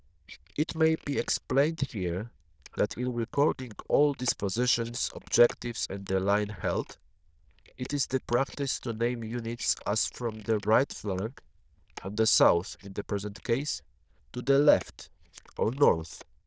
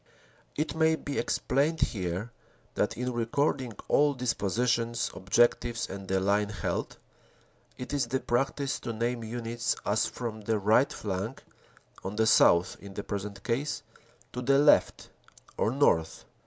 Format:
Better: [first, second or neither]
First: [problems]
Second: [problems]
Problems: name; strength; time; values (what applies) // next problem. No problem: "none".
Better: second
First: noise reduction (neural diffusion model UNIVERSE++)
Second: none